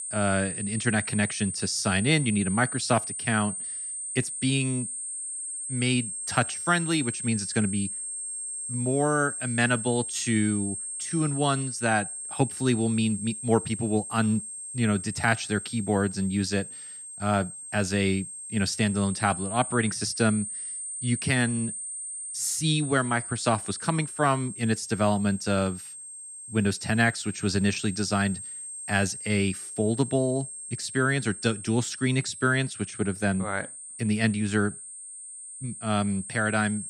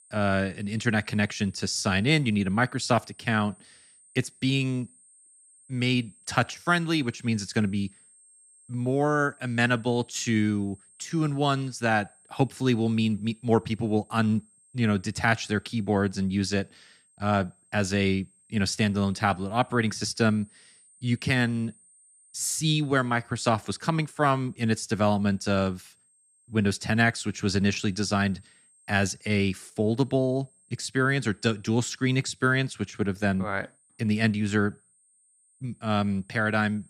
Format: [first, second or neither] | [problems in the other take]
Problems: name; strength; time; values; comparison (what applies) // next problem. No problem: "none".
second | high-pitched whine; loud; throughout; 8.5 kHz, 7 dB below the speech; faint in the second